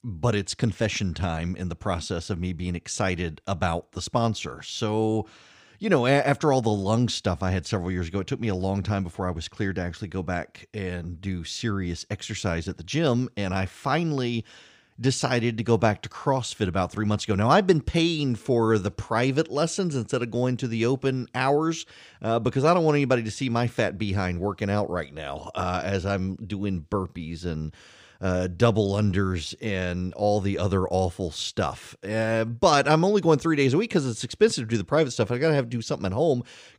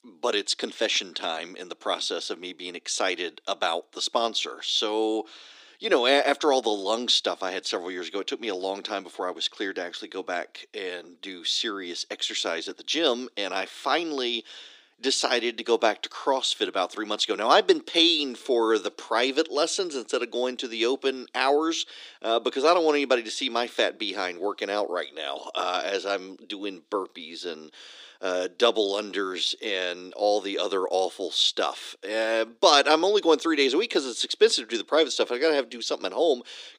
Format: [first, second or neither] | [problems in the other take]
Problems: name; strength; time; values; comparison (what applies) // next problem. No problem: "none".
first | thin; somewhat; fading below 300 Hz